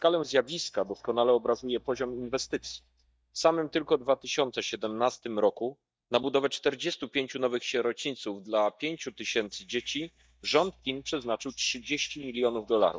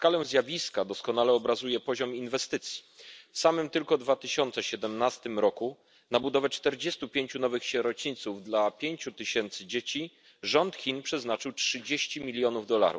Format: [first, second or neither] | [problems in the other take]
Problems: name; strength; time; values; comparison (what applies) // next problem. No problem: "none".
second | noise reduction (neural mask model DeepFilterNet 3)